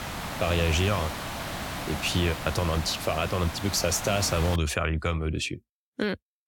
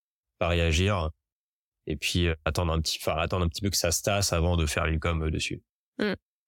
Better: second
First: hiss; loud; until 4.5 s; 7 dB below the speech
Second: none

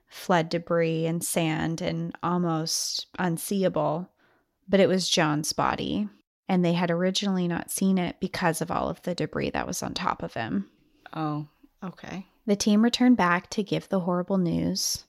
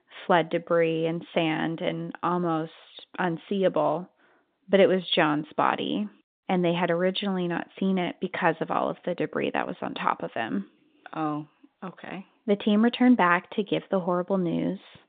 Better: first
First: none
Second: phone-call audio; nothing above 3.5 kHz

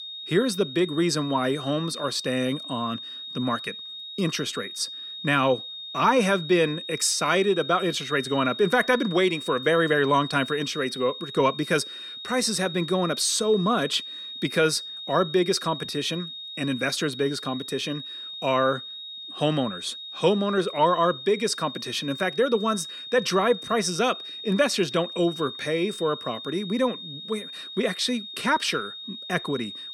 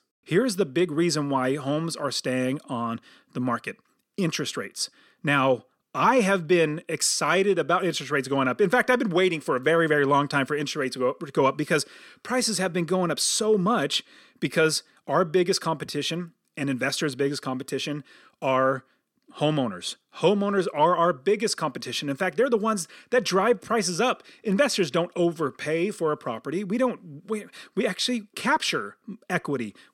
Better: second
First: high-pitched whine; loud; throughout; 3.5 kHz, 10 dB below the speech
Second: none

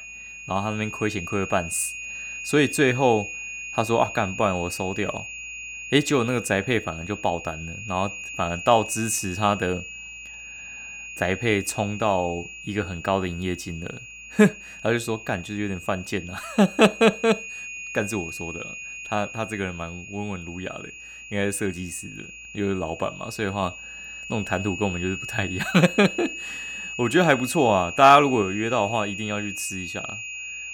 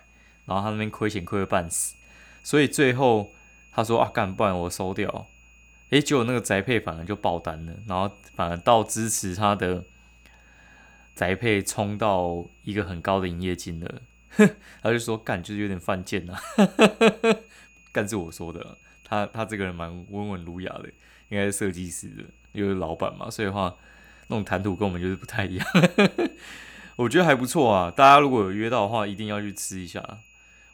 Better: second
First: high-pitched whine; loud; throughout; 2.5 kHz, 10 dB below the speech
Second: high-pitched whine; faint; throughout; 2.5 kHz, 30 dB below the speech

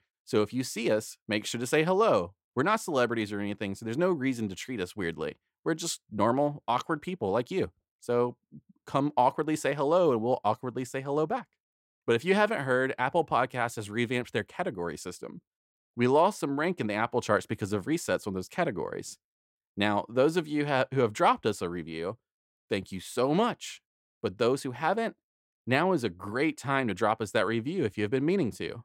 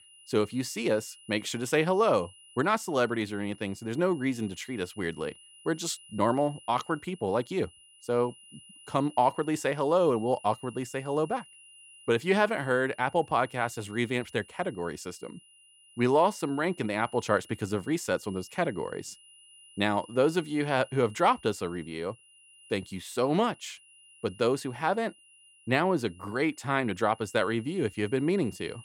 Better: first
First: none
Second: high-pitched whine; faint; throughout; 3 kHz, 25 dB below the speech

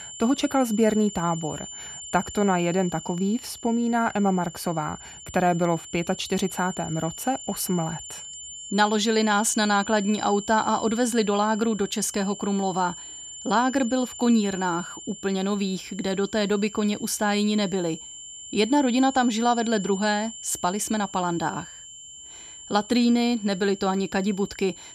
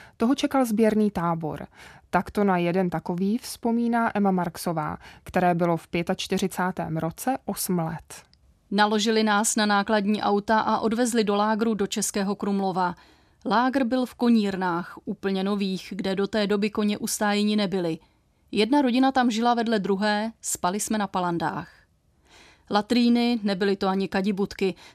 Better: second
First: high-pitched whine; noticeable; throughout; 7 kHz, 15 dB below the speech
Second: none

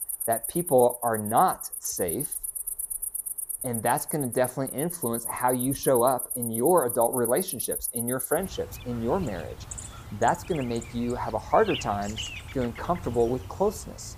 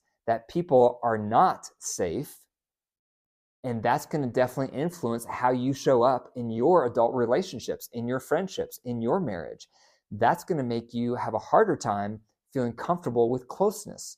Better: second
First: animal sounds; loud; throughout; 6 dB below the speech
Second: none

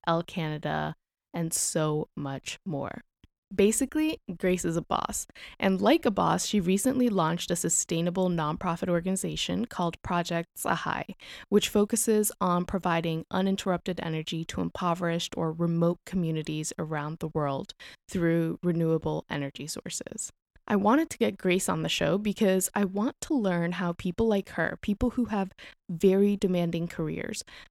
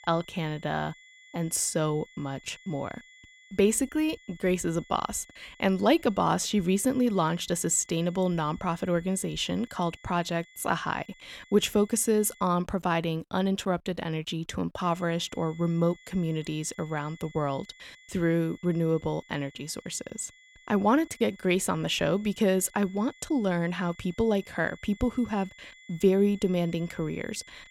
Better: first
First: none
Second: high-pitched whine; faint; until 12 s and from 15 s on; 2 kHz, 25 dB below the speech

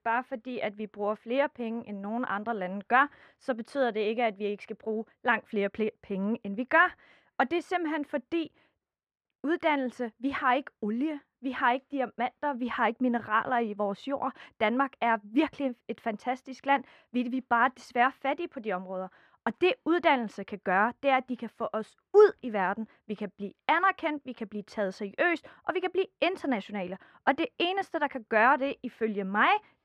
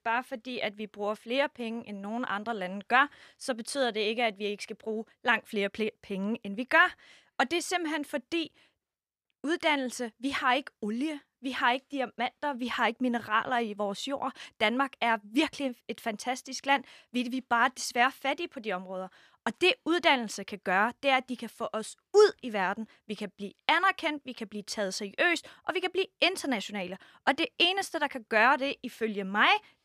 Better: second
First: muffled; very; fading above 3.5 kHz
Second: none

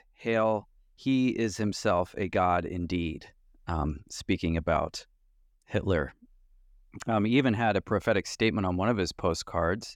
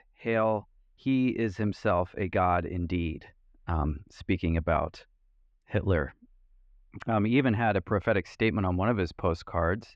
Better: first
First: none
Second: muffled; slightly; fading above 2.5 kHz

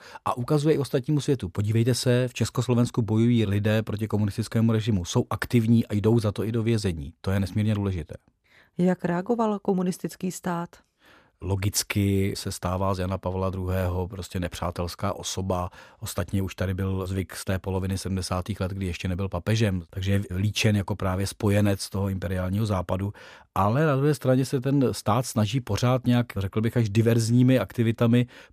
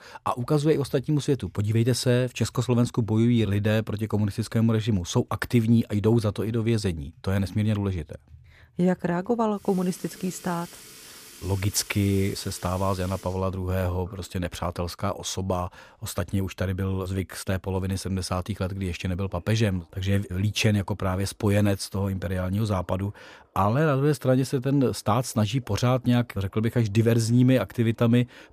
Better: first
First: none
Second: household noises; faint; throughout; 25 dB below the speech

